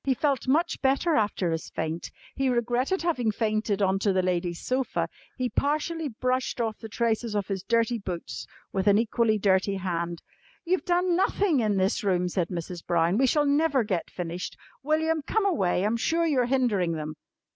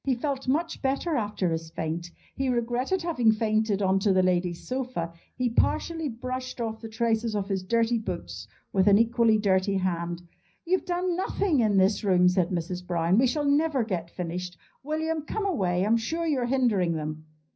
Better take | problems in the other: first | room echo; dies away in 0.5 s

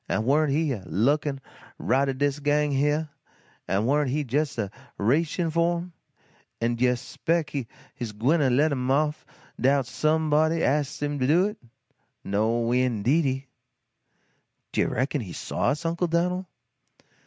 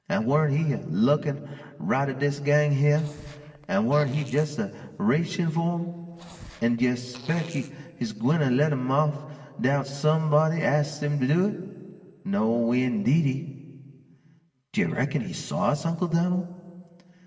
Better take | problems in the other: first | noise reduction (neural separator model SepFormer DNS4)

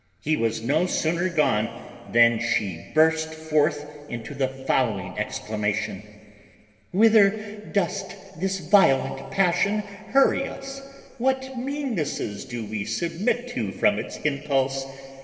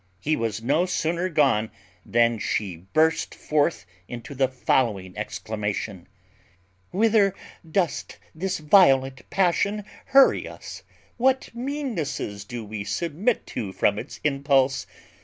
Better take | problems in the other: second | room echo; dies away in 2.3 s

